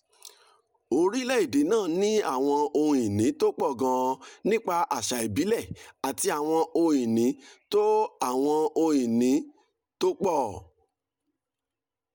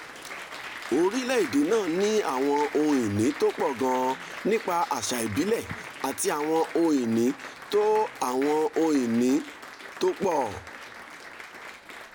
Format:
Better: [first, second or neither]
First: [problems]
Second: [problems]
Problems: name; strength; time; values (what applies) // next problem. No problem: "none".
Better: first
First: none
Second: background sound (Applause); 14 dB below the speech